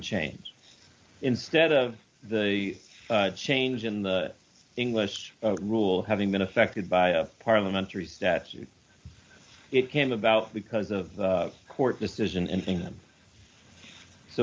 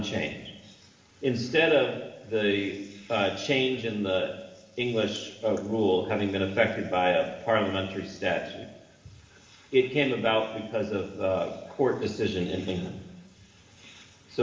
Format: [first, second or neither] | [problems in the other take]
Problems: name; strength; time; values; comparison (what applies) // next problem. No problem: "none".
first | room echo; dies away in 1.2 s